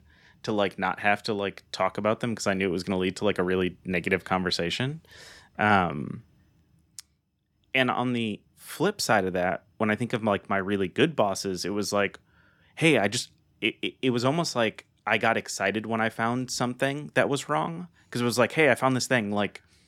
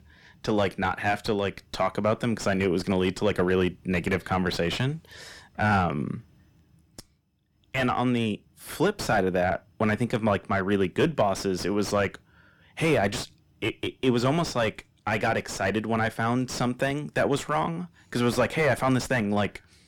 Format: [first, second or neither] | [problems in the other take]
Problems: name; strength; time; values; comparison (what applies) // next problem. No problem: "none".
first | distortion; heavy; 5 dB below the speech